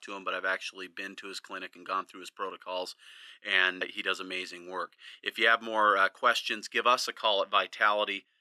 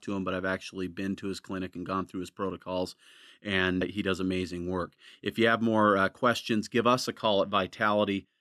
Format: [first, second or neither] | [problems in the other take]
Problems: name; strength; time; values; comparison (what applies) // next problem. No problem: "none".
second | thin; very; fading below 600 Hz